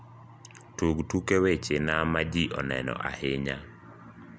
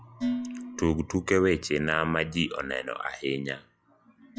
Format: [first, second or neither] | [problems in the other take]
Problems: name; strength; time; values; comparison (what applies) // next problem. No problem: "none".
first | noise reduction (classical method log-MMSE)